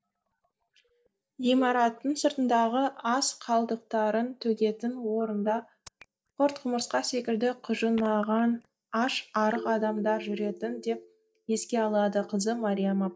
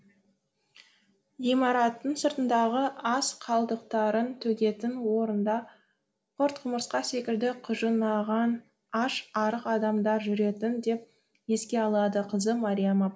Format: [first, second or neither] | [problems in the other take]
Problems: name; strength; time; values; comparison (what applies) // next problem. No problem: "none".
second | noise reduction (neural mask model DeepFilterNet 3)